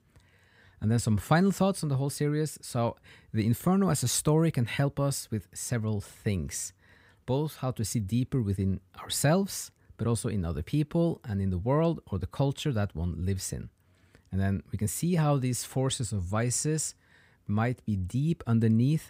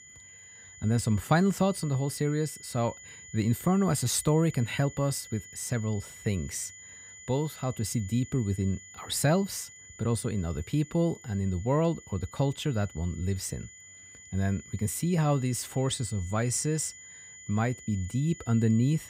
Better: first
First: none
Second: high-pitched whine; noticeable; throughout; 7 kHz, 15 dB below the speech

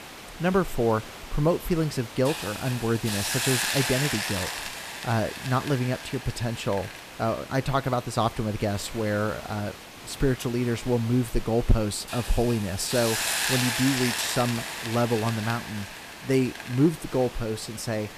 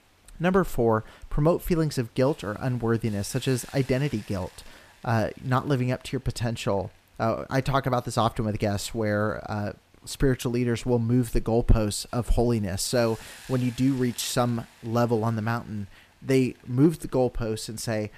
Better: second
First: hiss; loud; throughout; 5 dB below the speech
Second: hiss; faint; throughout; 25 dB below the speech

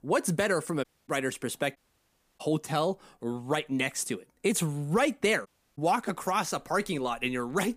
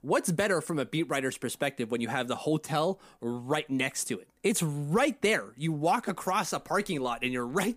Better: second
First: audio cutting out; at 1 s, at 2 s for 0.5 s and at 5.5 s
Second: none

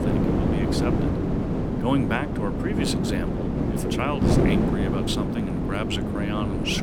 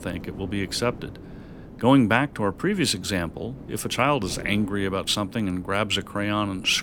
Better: second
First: wind noise on the microphone; heavy; 1 dB above the speech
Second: wind noise on the microphone; occasional gusts; 20 dB below the speech

